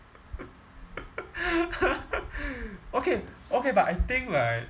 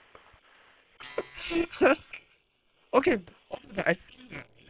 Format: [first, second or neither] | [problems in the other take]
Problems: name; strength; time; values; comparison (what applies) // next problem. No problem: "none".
first | noise reduction (neural separator model SepFormer WHAM!)